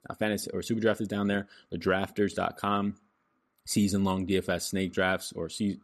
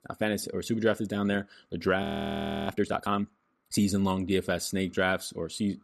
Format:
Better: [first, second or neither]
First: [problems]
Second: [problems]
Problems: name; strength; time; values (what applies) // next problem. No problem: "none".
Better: first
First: none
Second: audio freezing; at 2 s for 0.5 s